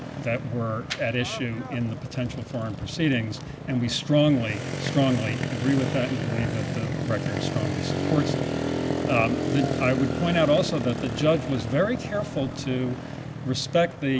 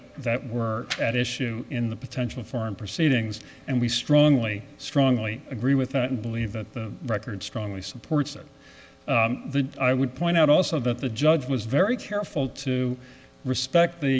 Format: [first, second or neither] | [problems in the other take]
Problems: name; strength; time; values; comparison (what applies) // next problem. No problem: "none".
second | background sound (Motorcycle); 4 dB below the speech